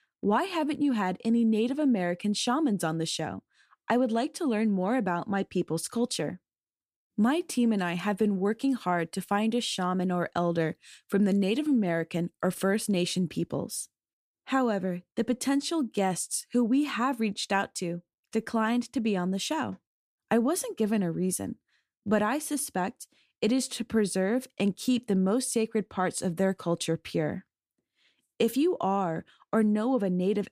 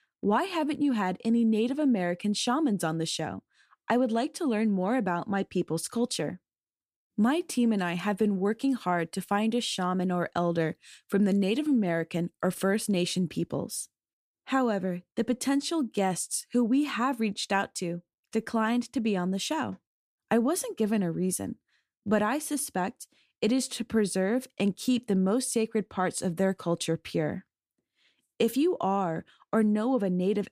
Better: neither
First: none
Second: none

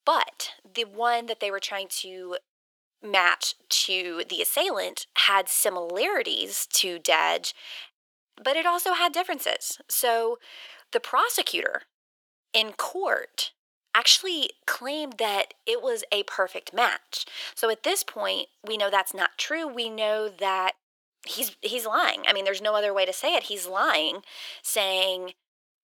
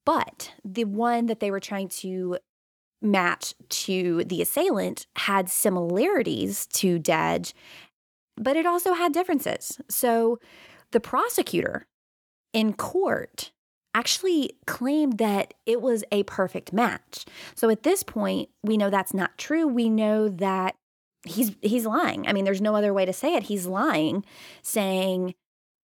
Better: second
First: thin; very; fading below 500 Hz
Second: none

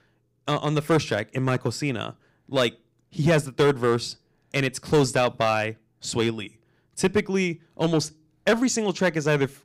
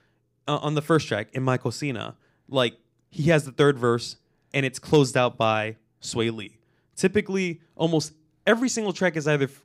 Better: second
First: distortion; slight; 3% of the sound clipped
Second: none

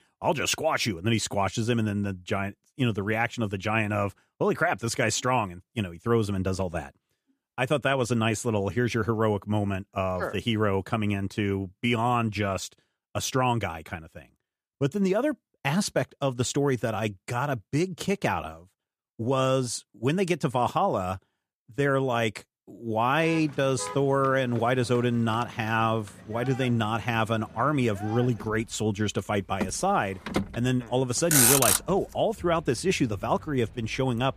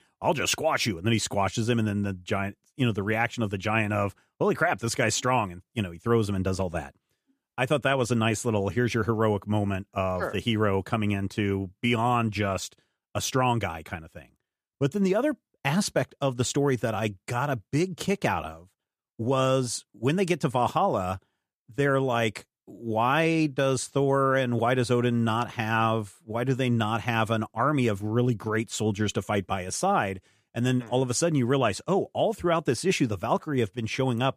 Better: second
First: traffic noise; very loud; from 23 s on; 2 dB above the speech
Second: none

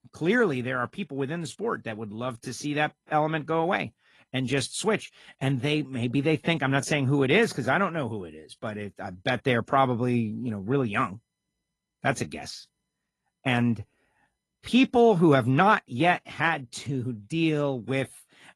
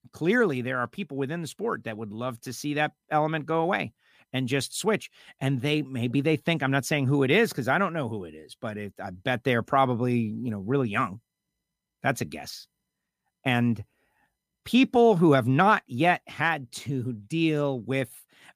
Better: second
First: garbled, watery; slightly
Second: none

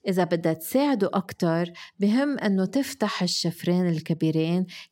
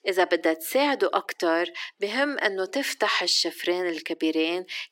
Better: first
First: none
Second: thin; very; fading below 300 Hz

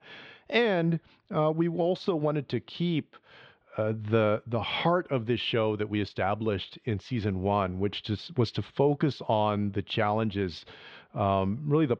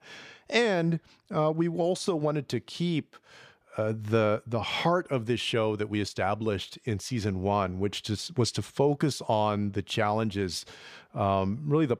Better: second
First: muffled; slightly; fading above 3.5 kHz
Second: none

